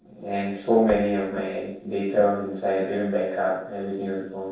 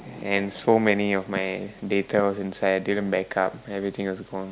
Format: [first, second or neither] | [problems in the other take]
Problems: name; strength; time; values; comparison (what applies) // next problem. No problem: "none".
second | noise reduction (neural separator model SepFormer DNS4)